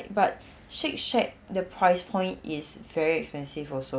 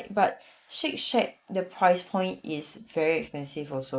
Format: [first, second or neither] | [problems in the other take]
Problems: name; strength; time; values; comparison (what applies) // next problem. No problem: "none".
first | noise reduction (neural mask model Resemble Enhance denoiser)